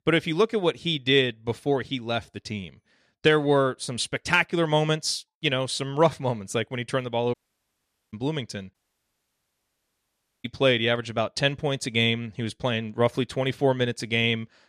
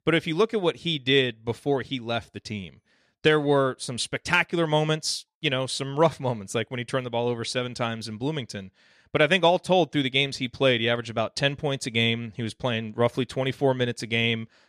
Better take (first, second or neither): second